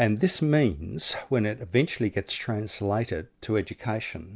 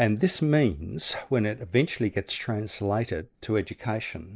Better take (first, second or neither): first